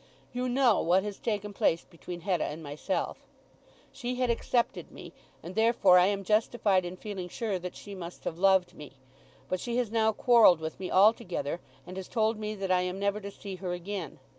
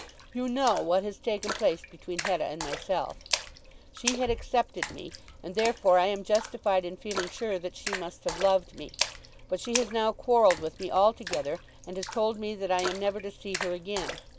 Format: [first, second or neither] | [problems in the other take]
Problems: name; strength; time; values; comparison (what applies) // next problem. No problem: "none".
first | background sound (Splash, splatter); 9 dB below the speech